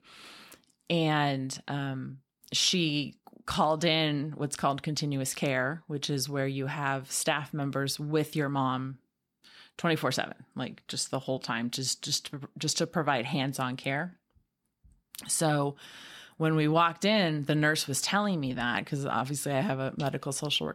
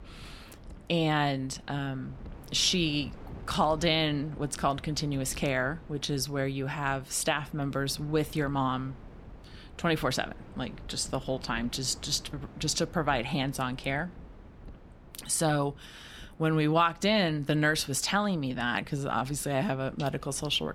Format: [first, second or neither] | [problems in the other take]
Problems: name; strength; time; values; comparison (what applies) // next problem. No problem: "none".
first | wind noise on the microphone; occasional gusts; 25 dB below the speech